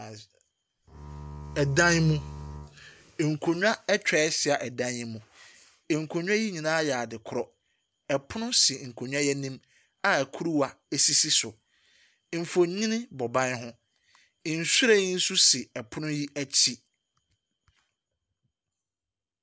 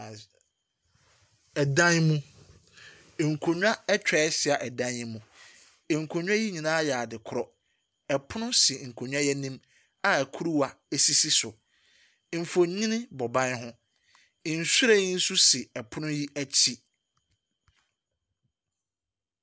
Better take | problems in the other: second | background sound (Bowed string instrument); 13 dB below the speech

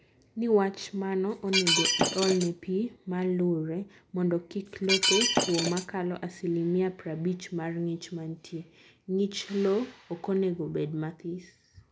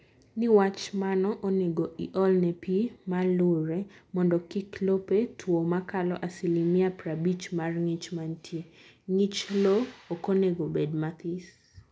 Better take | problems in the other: second | background sound (Shatter); 2 dB above the speech

